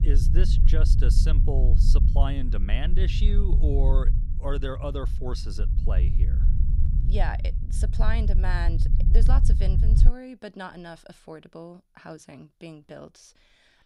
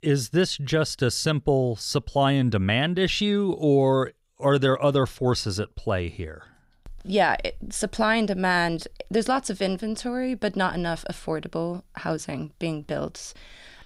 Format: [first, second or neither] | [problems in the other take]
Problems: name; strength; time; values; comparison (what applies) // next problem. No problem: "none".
second | low rumble; loud; until 10 s; 6 dB below the speech